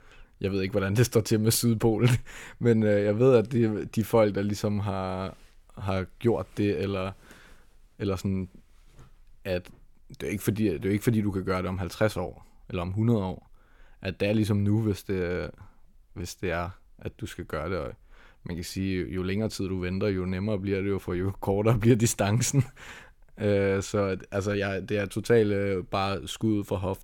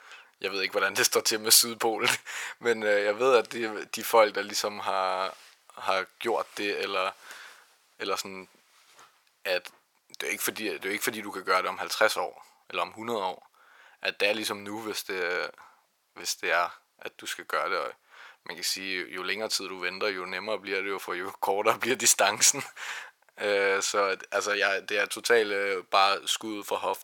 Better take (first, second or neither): first